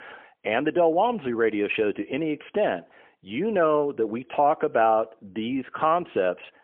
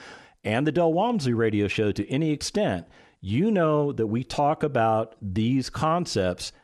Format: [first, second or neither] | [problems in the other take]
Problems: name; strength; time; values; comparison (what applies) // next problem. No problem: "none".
second | phone-call audio; poor line; nothing above 3 kHz